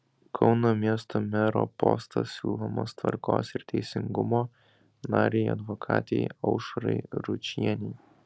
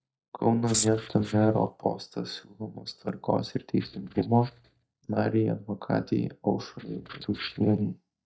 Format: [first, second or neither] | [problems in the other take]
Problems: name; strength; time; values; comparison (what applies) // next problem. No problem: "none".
first | noise reduction (neural mask model DeepFilterNet 3)